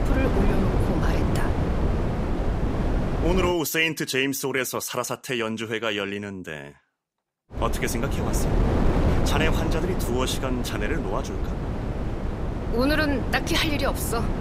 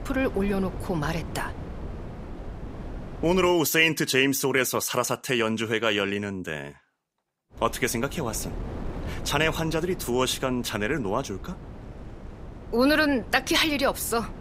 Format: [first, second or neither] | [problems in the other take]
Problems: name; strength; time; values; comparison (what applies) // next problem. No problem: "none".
second | wind noise on the microphone; heavy; until 3.5 s and from 7.5 s on; 5 dB below the speech; occasional gusts in the second